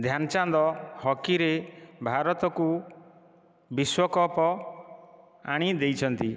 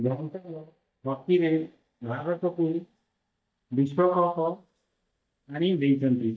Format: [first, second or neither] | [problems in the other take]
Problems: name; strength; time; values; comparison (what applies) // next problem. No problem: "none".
first | noise reduction (neural mask model DeepFilterNet 3)